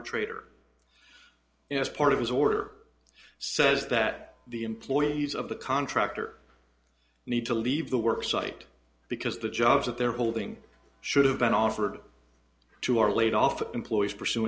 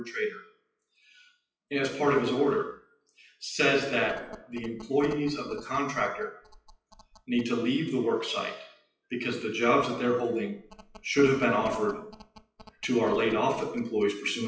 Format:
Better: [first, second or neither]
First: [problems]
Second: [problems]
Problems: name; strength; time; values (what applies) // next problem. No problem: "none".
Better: first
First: none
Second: noise reduction (classical method WPE with log-MMSE)